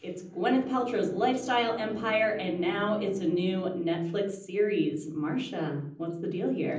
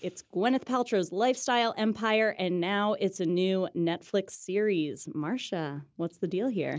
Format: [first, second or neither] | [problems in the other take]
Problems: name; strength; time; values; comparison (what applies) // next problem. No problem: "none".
second | background sound (Bowed string instrument); 18 dB below the speech // room echo; dies away in 0.6 s